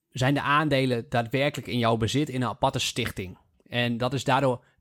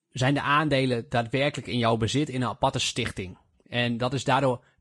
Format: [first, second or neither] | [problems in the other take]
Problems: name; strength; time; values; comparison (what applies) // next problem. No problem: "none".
first | garbled, watery; slightly; nothing above 10 kHz